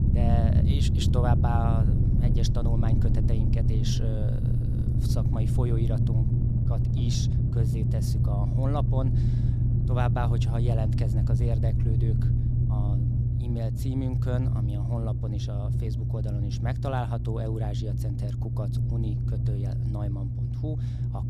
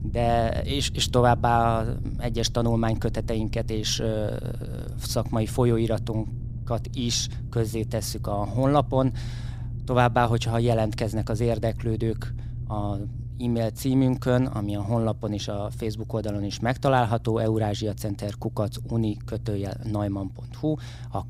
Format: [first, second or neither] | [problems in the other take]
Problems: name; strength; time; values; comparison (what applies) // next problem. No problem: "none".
second | low rumble; loud; throughout; 1 dB below the speech; faint in the second